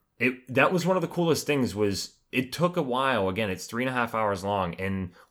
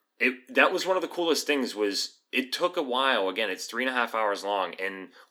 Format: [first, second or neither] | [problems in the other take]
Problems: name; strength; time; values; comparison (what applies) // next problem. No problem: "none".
first | thin; very slightly; fading below 250 Hz